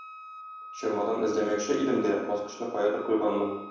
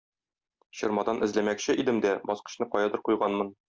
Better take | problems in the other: second | background sound (Wind instrument, woodwind instrument); 15 dB below the speech // room echo; dies away in 0.9 s

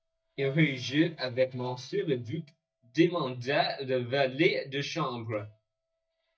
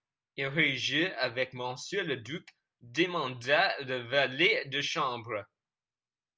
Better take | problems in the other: second | noise reduction (neural mask model DeepFilterNet 3)

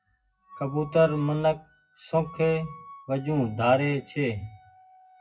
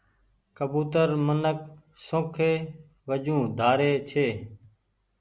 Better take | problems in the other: second | noise reduction (classical method WPE with log-MMSE)

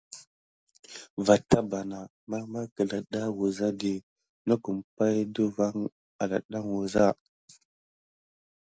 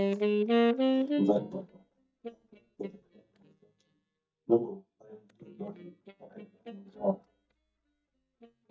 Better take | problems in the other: first | noise reduction (neural mask model DeepFilterNet 3)

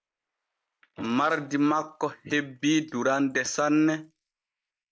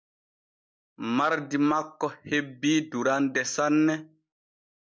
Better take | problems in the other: second | noise reduction (neural mask model Resemble Enhance denoiser)

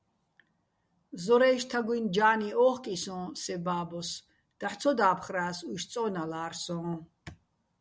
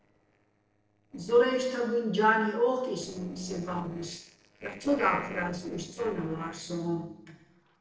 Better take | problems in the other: first | noise reduction (neural separator model SepFormer DNS4)

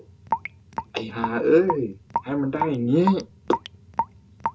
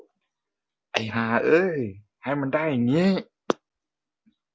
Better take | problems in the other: second | background sound (Raindrop / Drip); 6 dB below the speech // room echo; dies away in 0.2 s

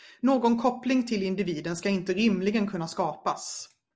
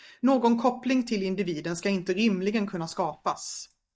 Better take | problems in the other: first | noise reduction (neural mask model DeepFilterNet 3)

